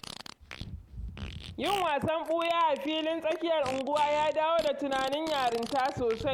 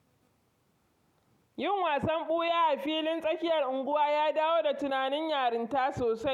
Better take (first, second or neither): second